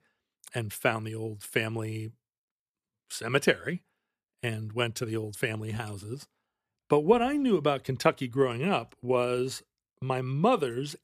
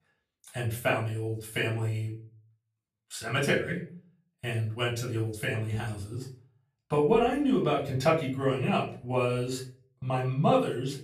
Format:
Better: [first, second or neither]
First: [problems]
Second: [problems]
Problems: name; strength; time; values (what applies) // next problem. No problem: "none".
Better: first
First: none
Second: room echo; slight; dies away in 0.4 s // off-mic speech; far